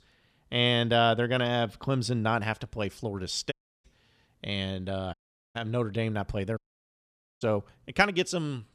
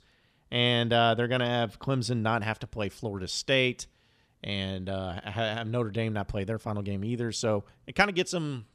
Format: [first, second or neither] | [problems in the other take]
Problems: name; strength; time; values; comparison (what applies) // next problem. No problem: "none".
second | audio cutting out; at 3.5 s, at 5 s and at 6.5 s for 1 s